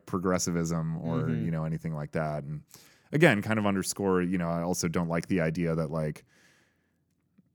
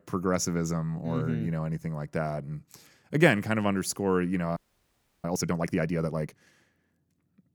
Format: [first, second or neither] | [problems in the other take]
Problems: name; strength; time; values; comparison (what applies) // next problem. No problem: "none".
first | audio freezing; at 4.5 s for 0.5 s